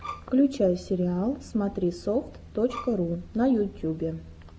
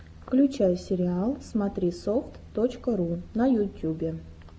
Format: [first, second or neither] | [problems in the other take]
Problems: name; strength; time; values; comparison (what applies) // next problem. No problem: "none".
second | background sound (Bowed string instrument); 15 dB below the speech